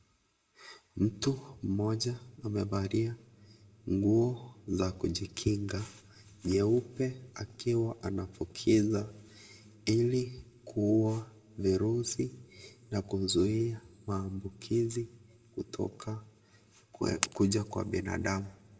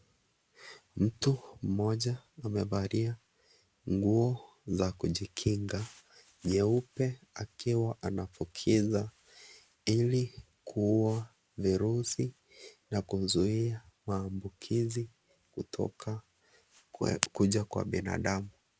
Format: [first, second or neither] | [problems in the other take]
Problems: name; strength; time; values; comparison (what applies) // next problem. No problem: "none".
second | room echo; dies away in 0.9 s